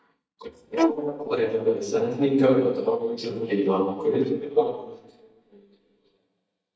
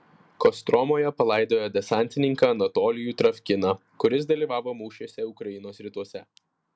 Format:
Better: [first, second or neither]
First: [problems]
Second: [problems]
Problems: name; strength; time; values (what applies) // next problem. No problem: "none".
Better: second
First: noise reduction (neural mask model DeepFilterNet 3)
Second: none